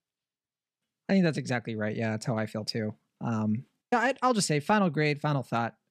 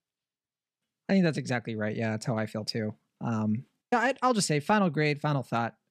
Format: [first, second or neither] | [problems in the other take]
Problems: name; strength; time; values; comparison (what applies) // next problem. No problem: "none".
neither | none